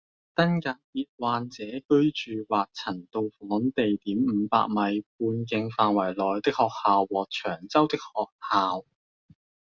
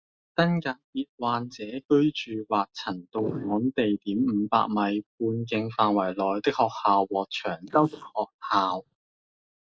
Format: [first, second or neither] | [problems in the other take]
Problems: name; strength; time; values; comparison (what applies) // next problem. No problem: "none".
first | noise reduction (neural mask model Resemble Enhance denoiser)